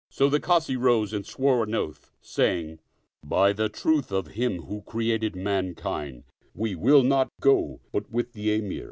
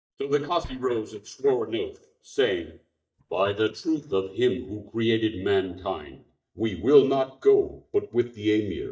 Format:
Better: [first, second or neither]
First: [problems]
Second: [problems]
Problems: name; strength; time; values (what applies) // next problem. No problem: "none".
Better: first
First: none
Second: noise reduction (neural mask model DeepFilterNet 3)